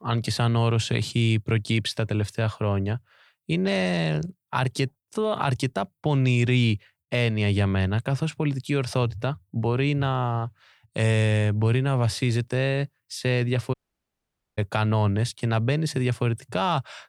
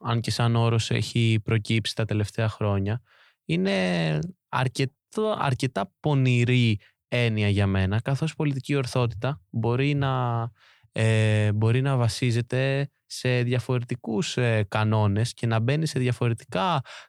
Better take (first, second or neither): second